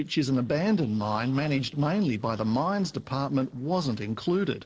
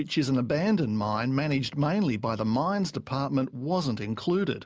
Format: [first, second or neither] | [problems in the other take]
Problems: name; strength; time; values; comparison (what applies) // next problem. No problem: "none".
second | noise reduction (neural separator model SepFormer DNS4)